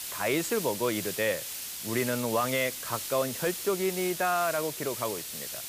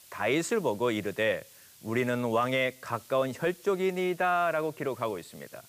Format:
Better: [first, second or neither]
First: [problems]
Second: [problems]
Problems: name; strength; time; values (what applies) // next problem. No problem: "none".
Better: second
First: hiss; loud; throughout; 5 dB below the speech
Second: hiss; faint; throughout; 25 dB below the speech